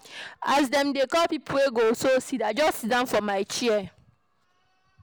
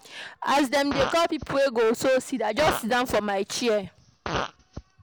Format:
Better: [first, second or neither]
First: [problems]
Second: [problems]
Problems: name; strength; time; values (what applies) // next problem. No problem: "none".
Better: first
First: none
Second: background sound (Fart); 11 dB below the speech